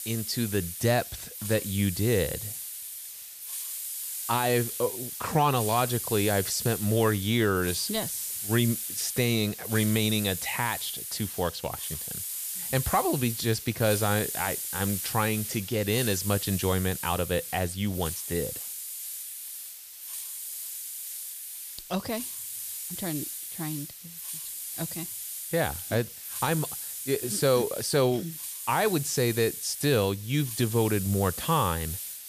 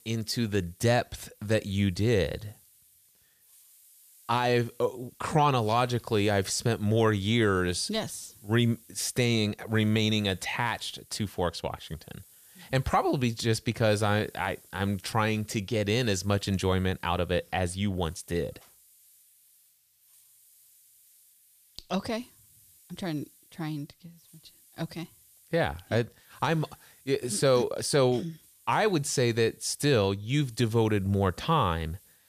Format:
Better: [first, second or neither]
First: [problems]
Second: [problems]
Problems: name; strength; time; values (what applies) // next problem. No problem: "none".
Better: second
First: hiss; loud; throughout; 6 dB below the speech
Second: hiss; faint; throughout; 30 dB below the speech